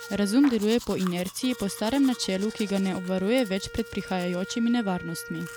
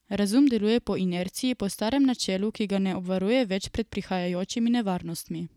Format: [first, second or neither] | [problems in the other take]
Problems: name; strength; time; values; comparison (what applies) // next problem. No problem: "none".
second | background sound (Domestic sounds, home sounds + Wind instrument, woodwind instrument); 15 dB below the speech